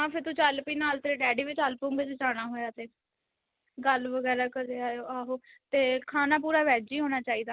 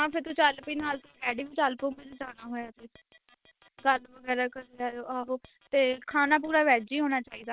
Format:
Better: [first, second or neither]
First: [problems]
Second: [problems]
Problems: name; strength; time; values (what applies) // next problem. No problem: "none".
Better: first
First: none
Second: noise reduction (neural separator model SepFormer WHAM!)